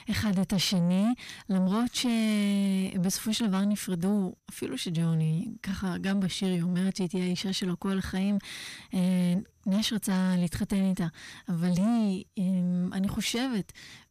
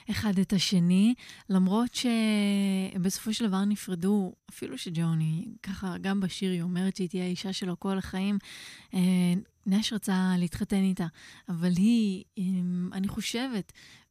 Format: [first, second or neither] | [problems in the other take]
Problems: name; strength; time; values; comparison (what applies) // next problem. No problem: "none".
second | distortion; slight; 10 dB below the speech